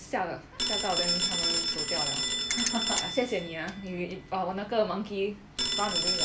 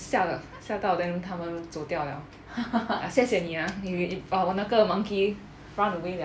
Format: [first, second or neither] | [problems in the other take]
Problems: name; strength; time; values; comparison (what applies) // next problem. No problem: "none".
second | background sound (Telephone + Ratchet, pawl); 1 dB above the speech